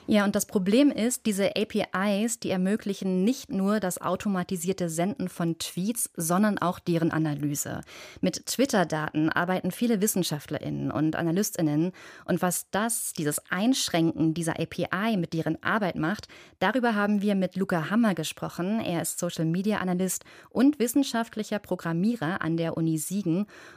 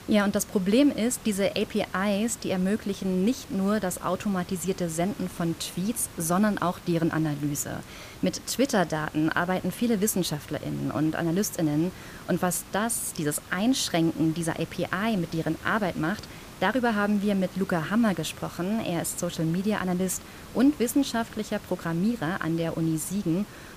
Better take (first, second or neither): first